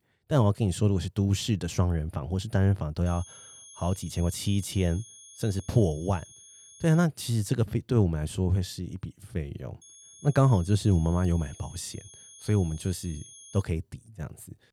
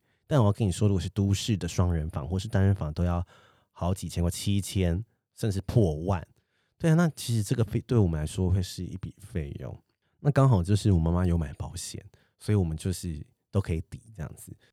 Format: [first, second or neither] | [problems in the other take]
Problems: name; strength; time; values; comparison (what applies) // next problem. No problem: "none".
second | high-pitched whine; noticeable; from 3 to 7 s and from 10 to 14 s; 6.5 kHz, 20 dB below the speech